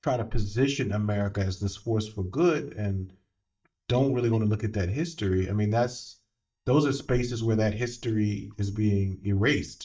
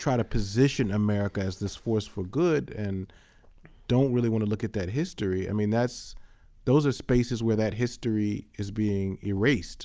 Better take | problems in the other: second | noise reduction (neural mask model DeepFilterNet 3)

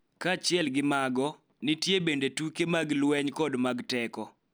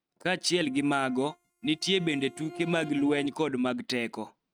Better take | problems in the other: first | noise reduction (neural mask model RNNoise)

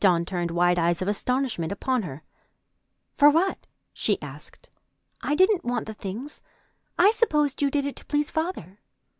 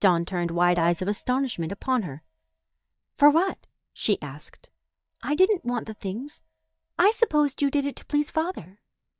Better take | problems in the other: first | noise reduction (neural mask model DeepFilterNet 3)

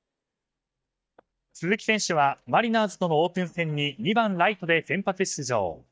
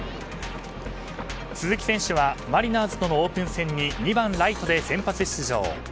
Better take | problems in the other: second | noise reduction (neural mask model DeepFilterNet 3)

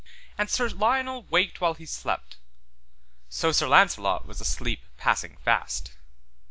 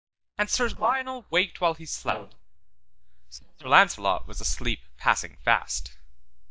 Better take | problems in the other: first | noise reduction (neural mask model DeepFilterNet 3)

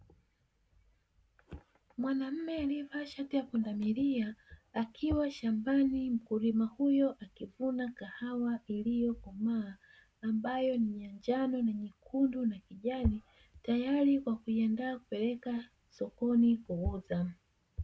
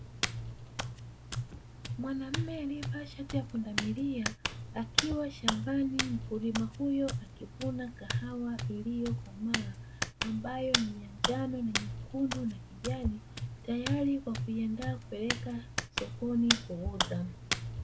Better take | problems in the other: first | background sound (Hands); 1 dB below the speech

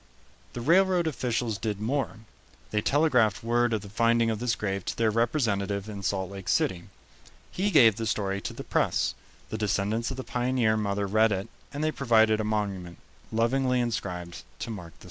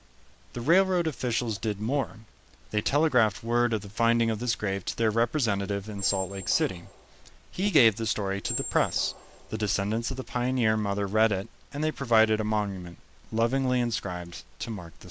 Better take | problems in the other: first | background sound (Squeak); 13 dB below the speech

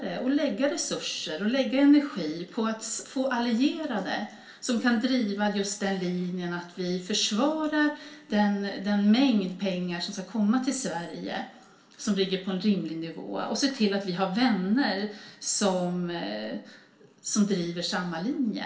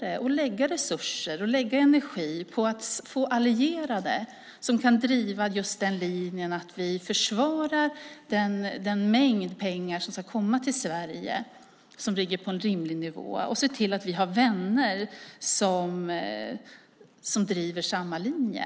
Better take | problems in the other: second | room echo; dies away in 0.4 s

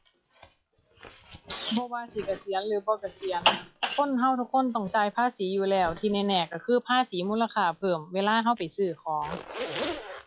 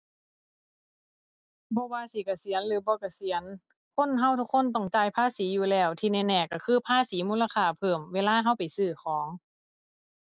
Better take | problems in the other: second | noise reduction (classical method log-MMSE)

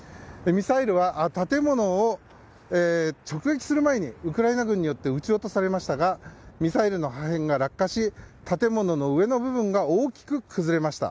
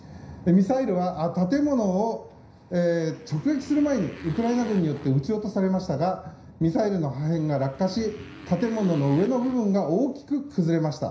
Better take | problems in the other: first | background sound (Motorcycle); 20 dB below the speech // room echo; dies away in 0.5 s

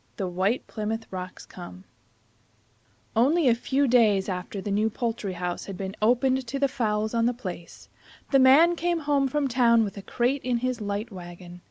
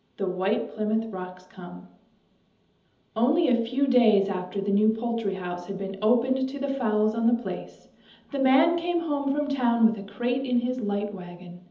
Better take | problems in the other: first | room echo; dies away in 1.2 s

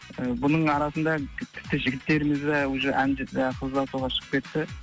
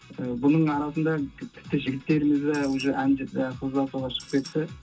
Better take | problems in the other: first | background sound (Tambourine); 18 dB below the speech // room echo; dies away in 0.2 s

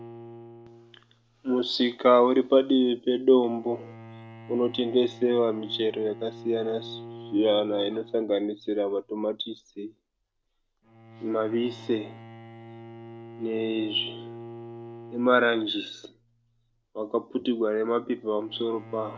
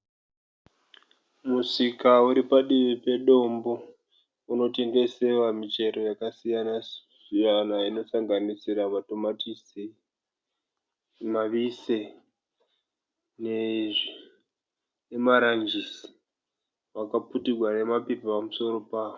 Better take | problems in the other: second | background sound (Bowed string instrument); 18 dB below the speech

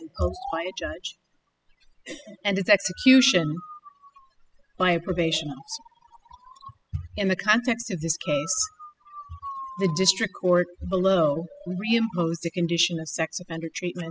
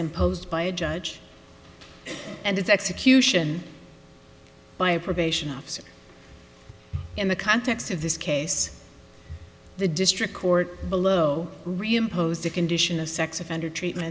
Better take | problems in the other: second | noise reduction (classical method spectral subtraction)

